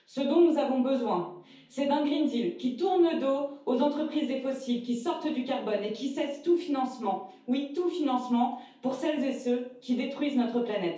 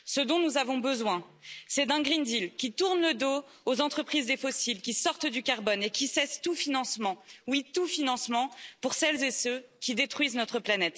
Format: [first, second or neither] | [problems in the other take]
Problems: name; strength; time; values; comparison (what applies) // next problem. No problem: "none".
second | room echo; dies away in 0.6 s